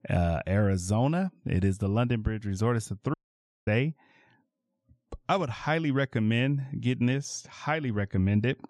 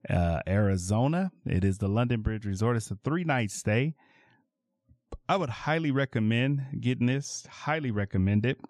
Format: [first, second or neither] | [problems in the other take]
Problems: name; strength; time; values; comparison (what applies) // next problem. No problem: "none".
second | audio cutting out; at 3 s for 0.5 s